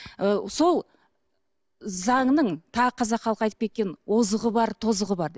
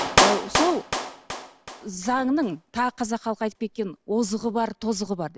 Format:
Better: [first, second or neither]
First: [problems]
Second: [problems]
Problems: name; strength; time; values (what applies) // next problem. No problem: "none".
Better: first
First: none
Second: background sound (Clapping); 2 dB below the speech